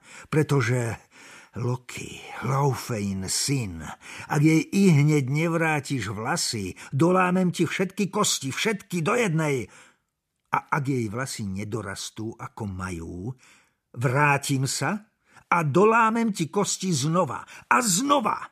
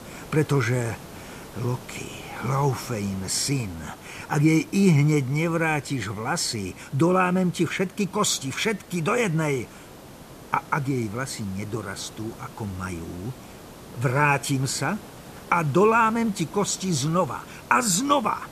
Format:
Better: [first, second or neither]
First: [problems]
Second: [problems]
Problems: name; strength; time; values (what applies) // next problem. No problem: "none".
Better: first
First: none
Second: hiss; noticeable; throughout; 20 dB below the speech